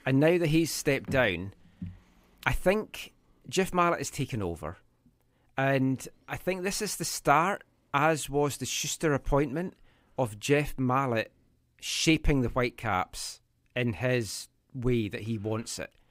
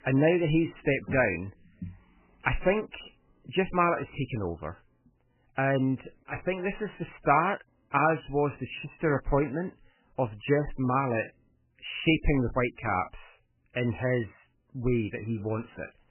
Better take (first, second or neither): first